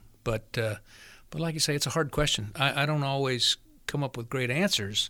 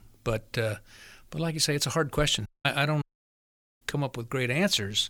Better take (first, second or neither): first